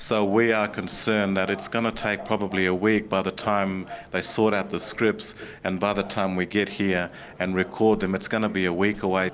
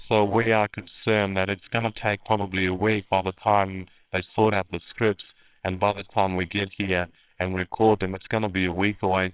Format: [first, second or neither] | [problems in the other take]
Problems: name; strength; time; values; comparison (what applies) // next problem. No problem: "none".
first | noise reduction (neural separator model SepFormer WHAMR!)